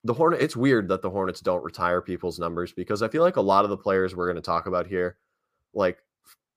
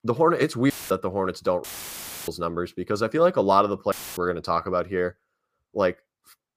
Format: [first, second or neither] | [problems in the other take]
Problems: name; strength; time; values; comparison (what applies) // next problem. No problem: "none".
first | audio cutting out; filled with static; at 0.5 s, at 1.5 s for 0.5 s and at 4 s